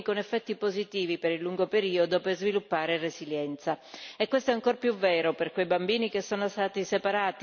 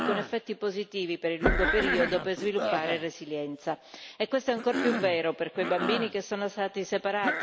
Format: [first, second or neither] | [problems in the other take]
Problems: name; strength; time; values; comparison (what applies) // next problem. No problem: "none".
first | background sound (Knock + Cough); 3 dB below the speech